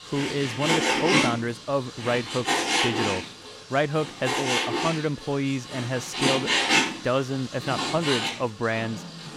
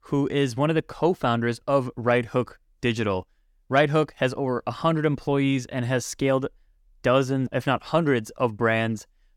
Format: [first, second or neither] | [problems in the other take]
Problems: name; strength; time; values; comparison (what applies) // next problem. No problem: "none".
second | household noises; very loud; throughout; 3 dB above the speech